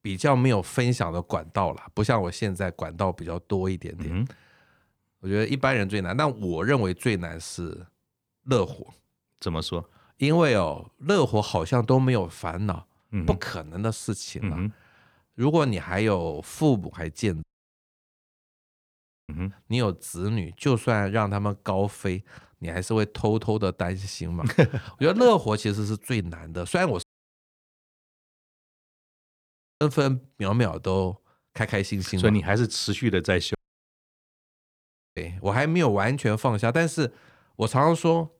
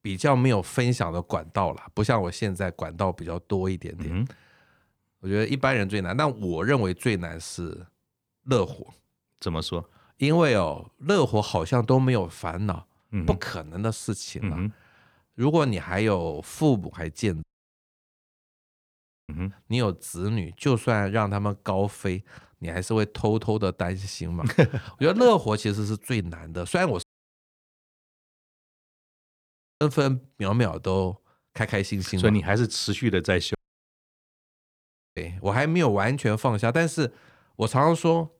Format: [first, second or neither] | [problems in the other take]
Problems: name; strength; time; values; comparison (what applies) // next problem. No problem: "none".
neither | audio cutting out; at 17 s for 2 s, at 27 s for 3 s and at 34 s for 1.5 s; the same in both